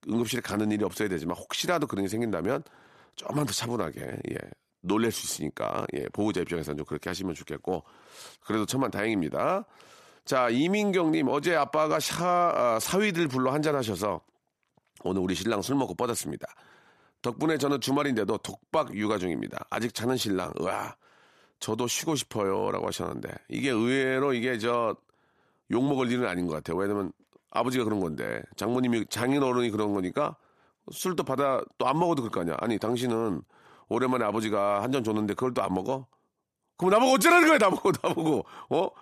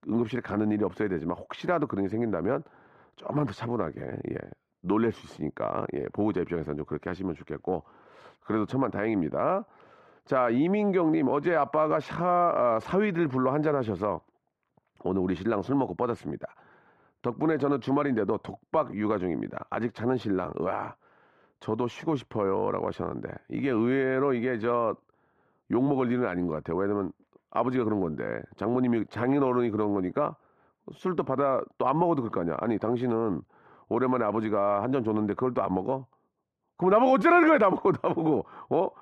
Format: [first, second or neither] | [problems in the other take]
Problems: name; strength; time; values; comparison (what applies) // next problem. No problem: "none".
first | muffled; very; fading above 4 kHz